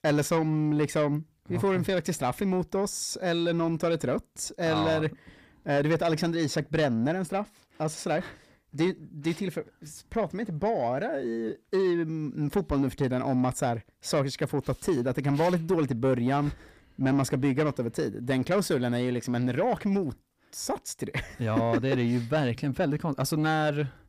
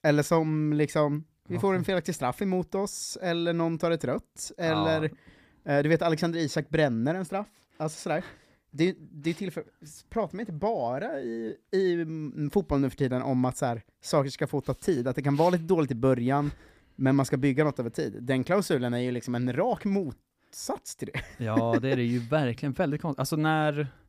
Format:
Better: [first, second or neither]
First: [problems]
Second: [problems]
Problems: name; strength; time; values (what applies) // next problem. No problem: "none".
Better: second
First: distortion; slight; 10 dB below the speech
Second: none